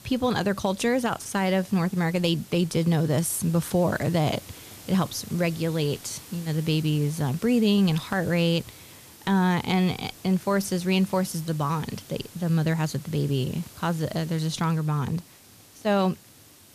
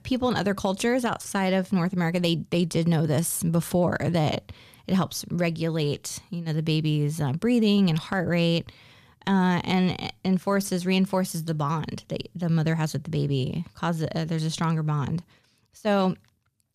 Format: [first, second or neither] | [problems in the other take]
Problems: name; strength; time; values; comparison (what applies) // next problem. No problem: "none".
second | hiss; noticeable; throughout; 20 dB below the speech